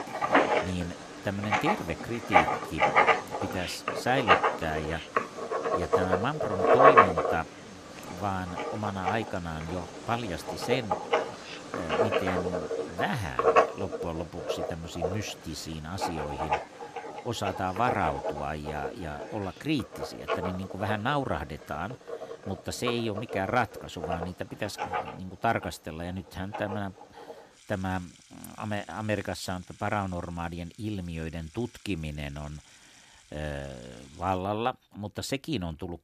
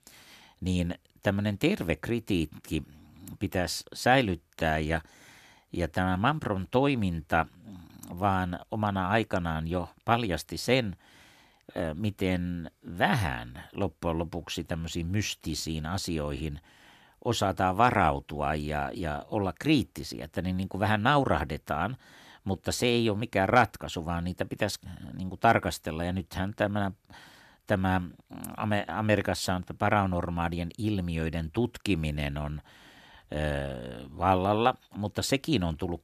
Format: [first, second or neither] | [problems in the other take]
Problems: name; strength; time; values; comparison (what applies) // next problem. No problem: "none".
second | household noises; very loud; throughout; 5 dB above the speech